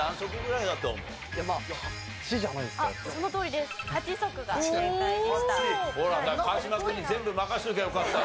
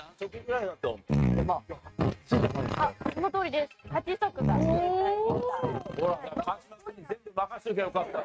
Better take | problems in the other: first | noise reduction (neural mask model RNNoise)

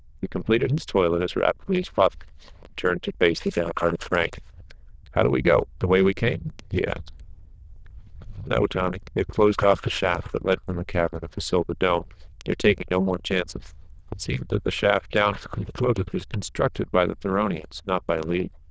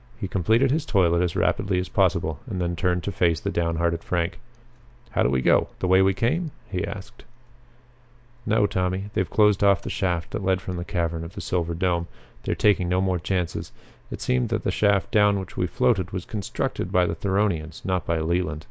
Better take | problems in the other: second | noise reduction (neural diffusion model UNIVERSE++)

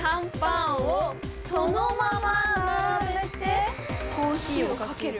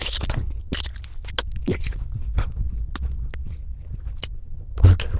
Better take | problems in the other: first | noise reduction (neural diffusion model UNIVERSE++)

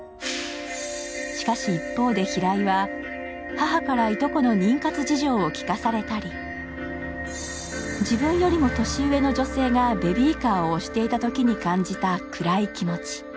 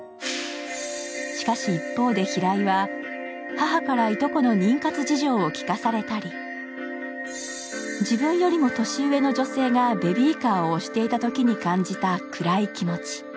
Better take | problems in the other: second | background sound (Bus); 15 dB below the speech

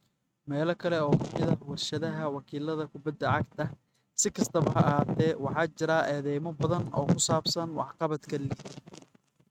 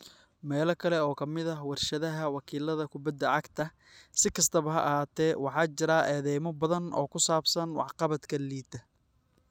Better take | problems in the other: second | noise reduction (neural mask model RNNoise)

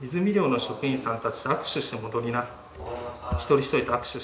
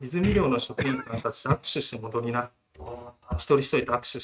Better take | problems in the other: first | noise reduction (neural mask model RNNoise)

